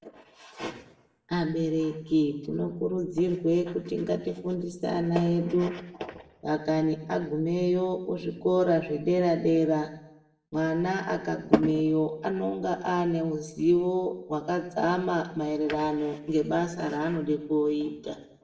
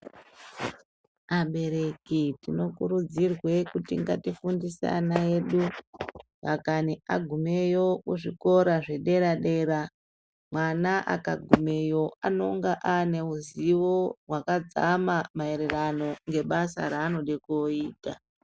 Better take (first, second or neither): second